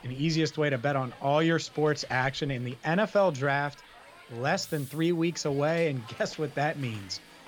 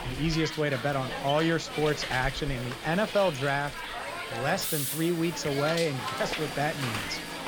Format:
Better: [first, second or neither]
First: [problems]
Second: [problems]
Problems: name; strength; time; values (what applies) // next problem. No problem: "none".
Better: first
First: hiss; faint; throughout; 20 dB below the speech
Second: hiss; loud; throughout; 5 dB below the speech